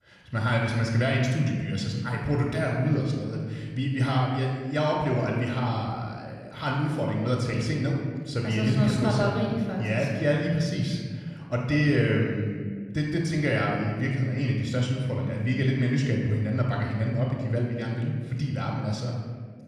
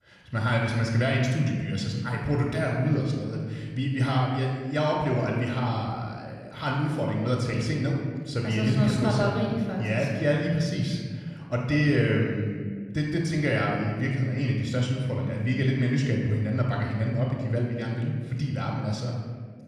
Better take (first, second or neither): neither